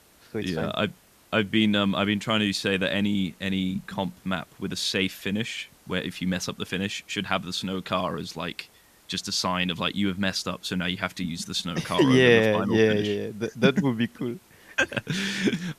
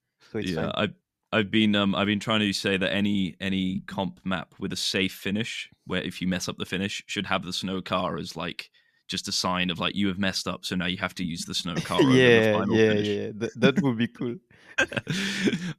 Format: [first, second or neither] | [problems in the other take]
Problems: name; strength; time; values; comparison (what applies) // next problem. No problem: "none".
second | hiss; faint; throughout; 30 dB below the speech